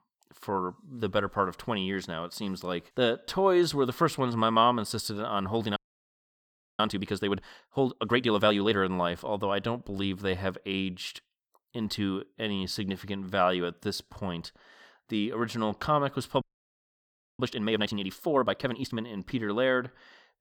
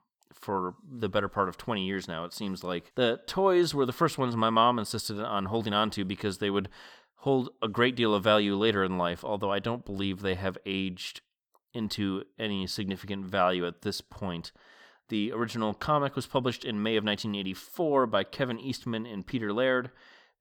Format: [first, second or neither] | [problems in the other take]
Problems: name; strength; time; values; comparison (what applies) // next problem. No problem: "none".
second | audio freezing; at 6 s for 1 s and at 16 s for 1 s